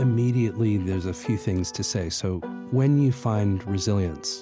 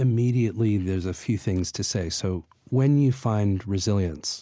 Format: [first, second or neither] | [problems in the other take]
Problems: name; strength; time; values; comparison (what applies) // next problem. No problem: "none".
second | background sound (Piano); 16 dB below the speech